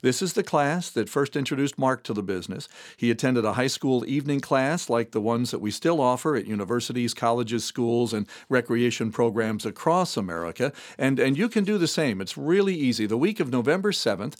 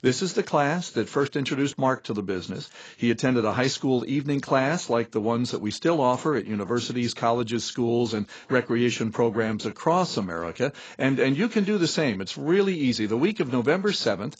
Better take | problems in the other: first | garbled, watery; badly; nothing above 7.5 kHz

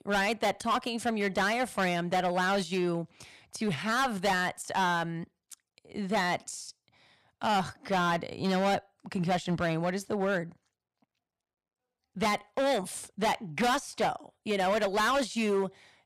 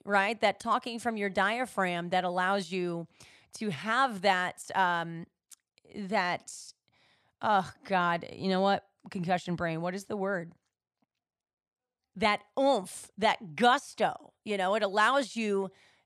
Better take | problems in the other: second | distortion; heavy; 12% of the sound clipped

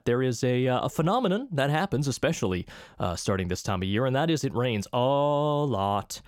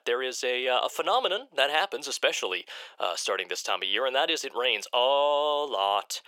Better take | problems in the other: first | thin; very; fading below 450 Hz

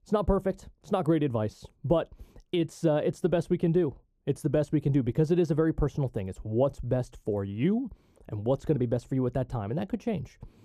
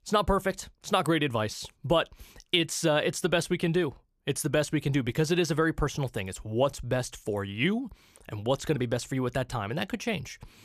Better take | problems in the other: second | muffled; slightly; fading above 1 kHz

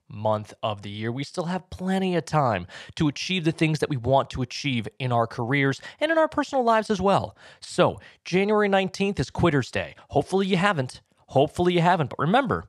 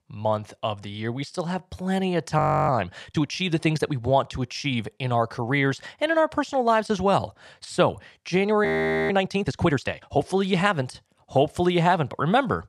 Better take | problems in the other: first | audio freezing; at 2.5 s and at 8.5 s

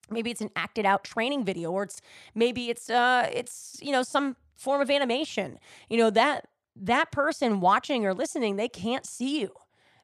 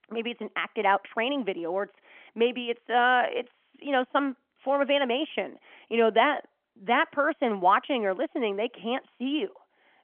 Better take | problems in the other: first | phone-call audio; nothing above 3.5 kHz

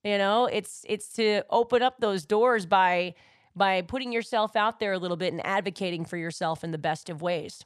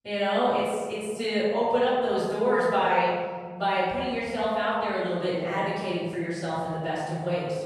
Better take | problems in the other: first | off-mic speech; far // room echo; strong; dies away in 1.7 s

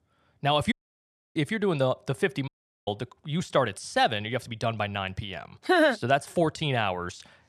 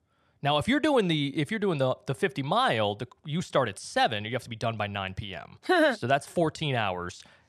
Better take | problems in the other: second | audio cutting out; at 0.5 s for 0.5 s and at 2.5 s

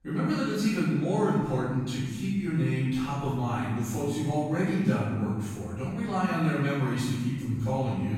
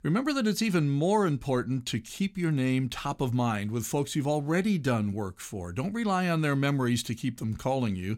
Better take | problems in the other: second | off-mic speech; far // room echo; strong; dies away in 1.4 s

